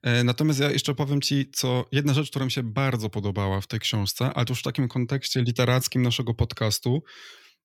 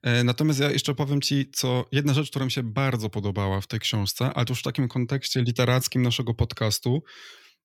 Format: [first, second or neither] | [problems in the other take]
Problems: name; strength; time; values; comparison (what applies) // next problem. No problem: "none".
neither | none